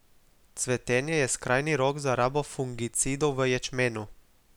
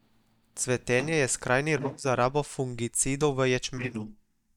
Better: first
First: none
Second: noise reduction (neural mask model DeepFilterNet 3)

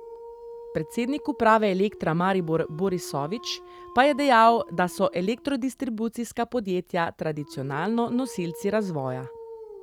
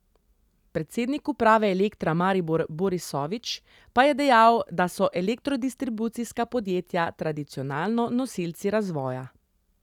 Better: second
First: background sound (Dog); 18 dB below the speech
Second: none

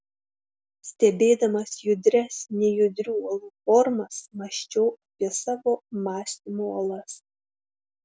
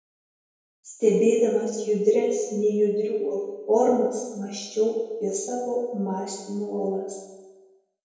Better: first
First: none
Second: room echo; dies away in 1.1 s

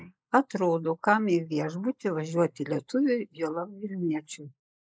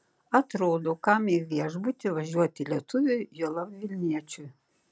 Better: second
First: noise reduction (neural mask model Resemble Enhance denoiser)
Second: none

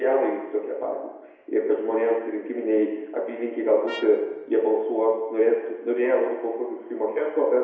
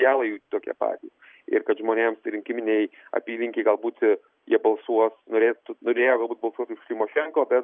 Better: second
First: background sound (Trumpet); 18 dB below the speech // room echo; dies away in 1 s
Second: none

